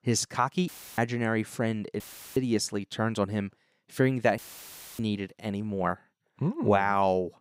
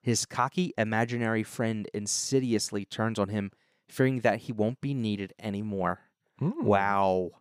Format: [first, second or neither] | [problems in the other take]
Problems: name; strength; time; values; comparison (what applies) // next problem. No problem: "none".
second | audio cutting out; filled with static; at 0.5 s, at 2 s and at 4.5 s for 0.5 s